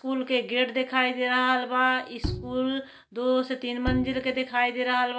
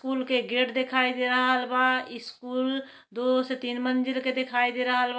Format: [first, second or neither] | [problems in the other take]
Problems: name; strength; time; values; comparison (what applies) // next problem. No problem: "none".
second | background sound (Bowed string instrument); 10 dB below the speech